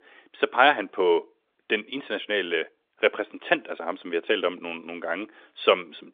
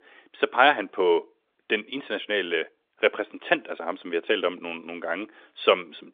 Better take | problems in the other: neither | phone-call audio; nothing above 3.5 kHz; the same in both

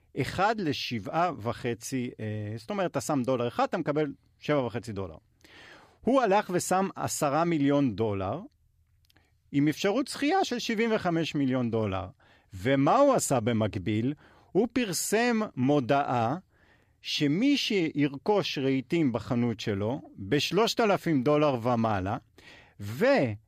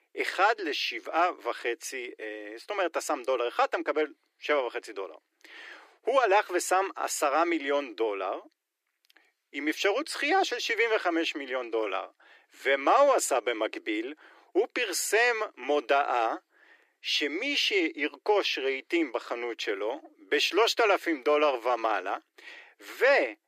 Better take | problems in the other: first | thin; very; fading below 300 Hz

